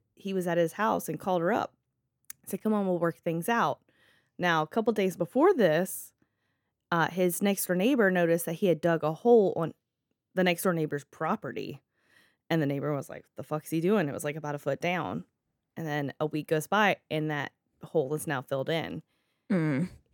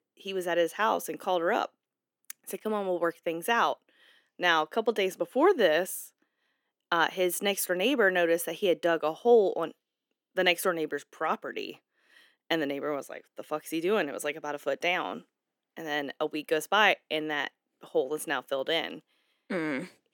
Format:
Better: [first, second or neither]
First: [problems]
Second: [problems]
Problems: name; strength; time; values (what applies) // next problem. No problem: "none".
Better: first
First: none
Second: thin; somewhat; fading below 300 Hz